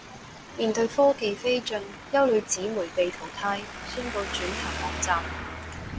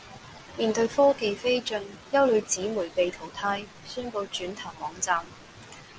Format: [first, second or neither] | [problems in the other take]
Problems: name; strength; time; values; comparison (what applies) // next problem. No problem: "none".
second | background sound (Traffic noise, roadway noise); 10 dB below the speech